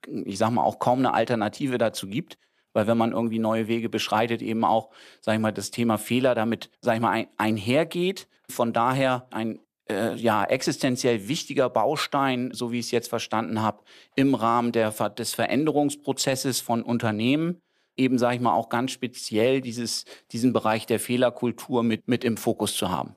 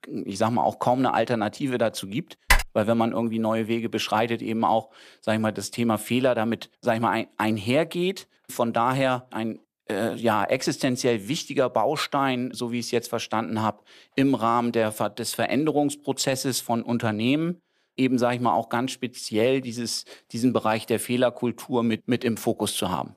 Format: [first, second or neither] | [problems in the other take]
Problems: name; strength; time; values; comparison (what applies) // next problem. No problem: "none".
first | keyboard typing; loud; at 2.5 s; peak 3 dB above the speech